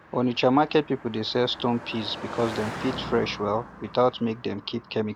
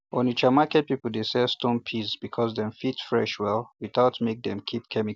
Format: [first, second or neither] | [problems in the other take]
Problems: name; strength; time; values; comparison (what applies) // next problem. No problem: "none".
second | background sound (Car passing by); 13 dB below the speech